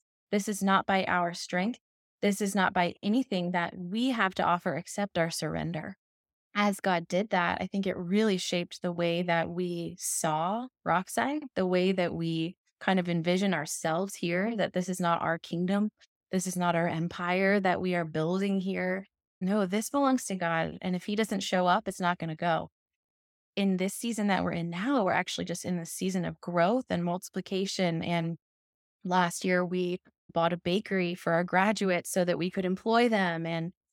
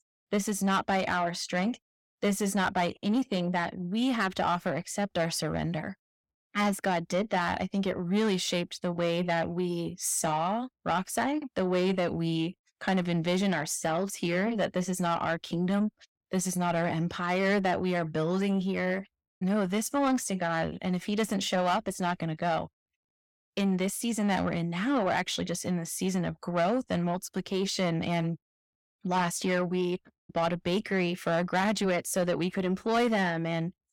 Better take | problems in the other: first | distortion; slight; 10 dB below the speech

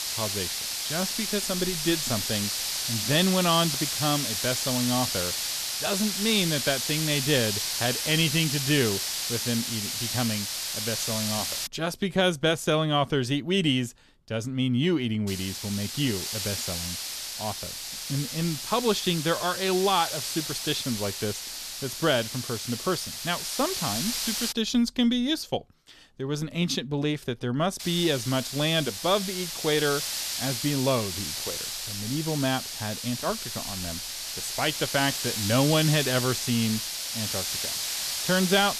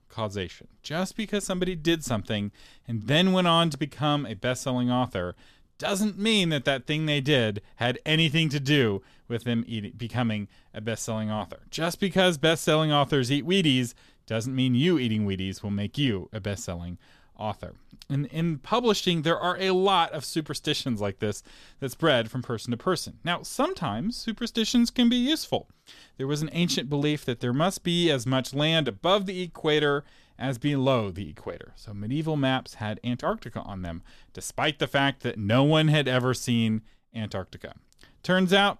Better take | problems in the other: second | hiss; loud; until 12 s, from 15 to 25 s and from 28 s on; 2 dB below the speech

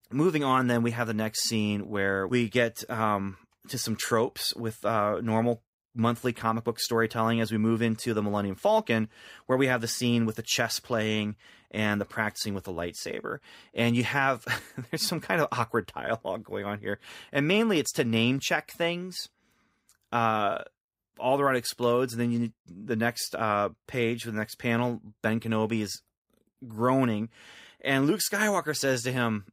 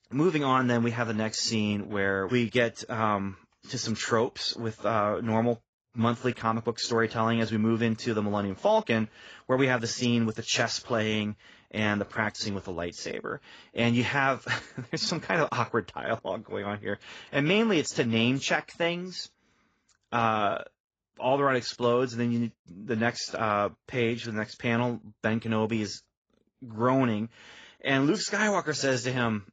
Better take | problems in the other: first | garbled, watery; badly; nothing above 7.5 kHz

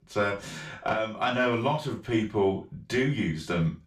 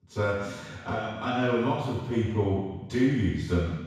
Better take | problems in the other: first | room echo; strong; dies away in 1.1 s; slight in the first // off-mic speech; far; somewhat distant in the first

